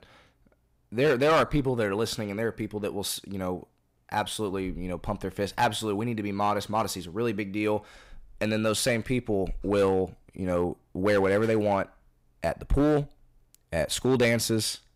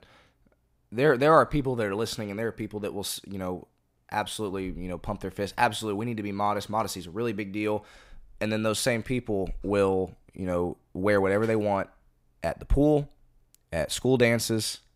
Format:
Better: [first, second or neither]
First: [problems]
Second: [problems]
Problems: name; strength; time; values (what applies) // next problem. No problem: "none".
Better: second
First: distortion; slight; 3% of the sound clipped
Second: none